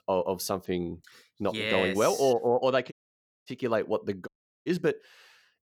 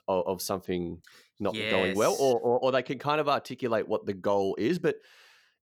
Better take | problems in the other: second | audio cutting out; at 3 s for 0.5 s and at 4.5 s

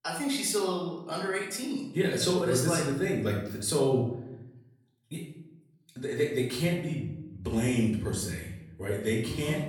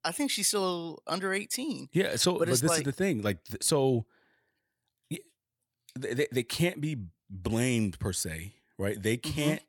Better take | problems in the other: second | off-mic speech; far // room echo; noticeable; dies away in 0.7 s

